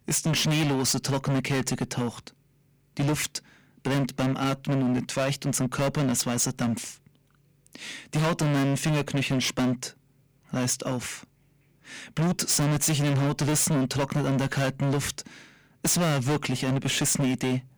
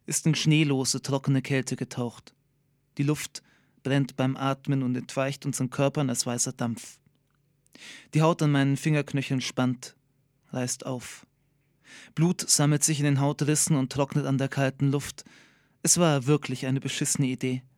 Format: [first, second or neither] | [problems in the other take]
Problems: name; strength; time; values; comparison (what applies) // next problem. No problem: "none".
second | distortion; heavy; 21% of the sound clipped